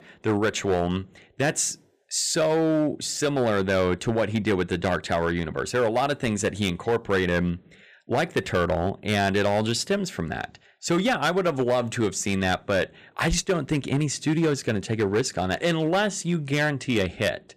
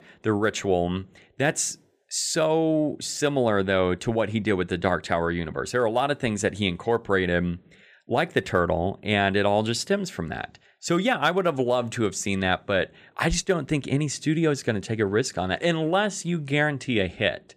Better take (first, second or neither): second